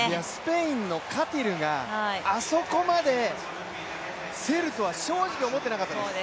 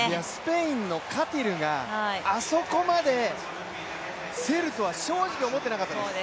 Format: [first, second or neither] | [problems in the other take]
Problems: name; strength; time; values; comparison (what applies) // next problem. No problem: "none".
first | background sound (Cowbell); 18 dB below the speech